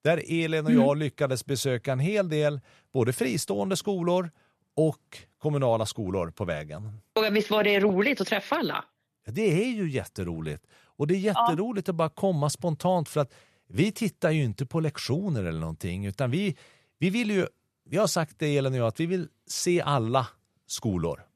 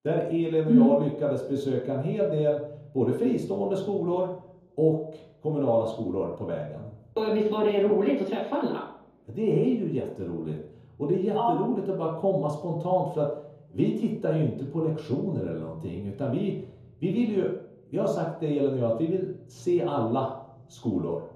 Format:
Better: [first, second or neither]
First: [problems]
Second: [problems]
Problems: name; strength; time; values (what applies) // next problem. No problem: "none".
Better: first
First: none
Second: room echo; noticeable; dies away in 3 s // off-mic speech; far